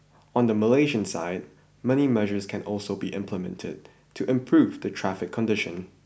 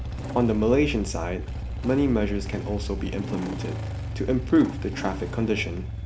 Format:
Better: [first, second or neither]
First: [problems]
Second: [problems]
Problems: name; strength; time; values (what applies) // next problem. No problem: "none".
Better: first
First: none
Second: background sound (Engine starting / Motorcycle); 5 dB below the speech